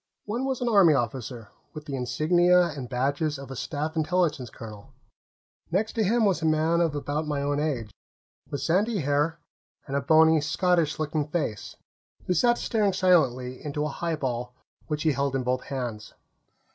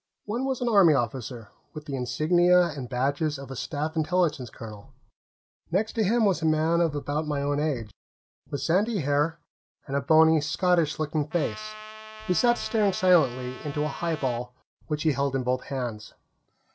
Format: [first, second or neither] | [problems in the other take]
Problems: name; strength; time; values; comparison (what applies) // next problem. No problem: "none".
first | background sound (Trumpet); 16 dB below the speech